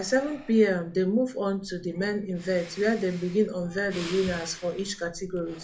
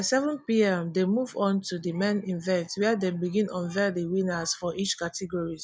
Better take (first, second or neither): second